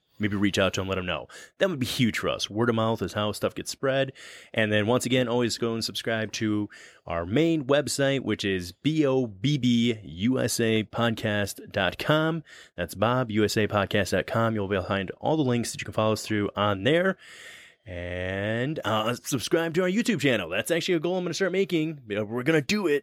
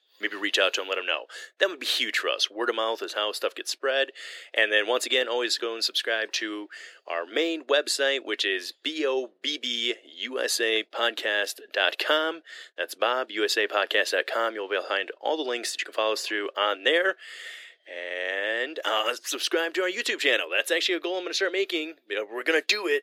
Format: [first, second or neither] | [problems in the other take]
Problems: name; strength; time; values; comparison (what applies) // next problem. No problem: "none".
first | thin; very; fading below 350 Hz